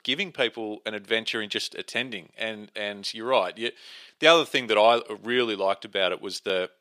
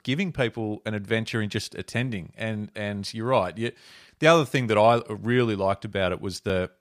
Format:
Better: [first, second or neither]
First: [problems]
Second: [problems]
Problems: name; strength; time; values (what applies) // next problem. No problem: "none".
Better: second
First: thin; somewhat; fading below 400 Hz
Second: none